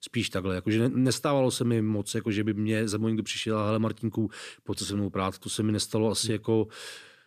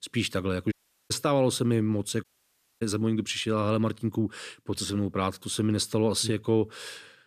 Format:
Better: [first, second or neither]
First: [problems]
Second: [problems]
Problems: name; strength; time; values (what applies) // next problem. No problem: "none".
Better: first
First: none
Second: audio cutting out; at 0.5 s and at 2 s for 0.5 s